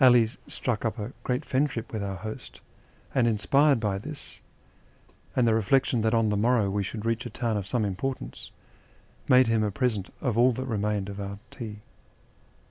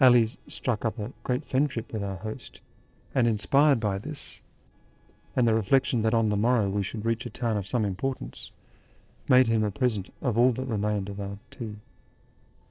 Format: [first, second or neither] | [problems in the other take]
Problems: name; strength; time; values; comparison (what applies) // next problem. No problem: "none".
first | noise reduction (neural separator model SepFormer DNS4)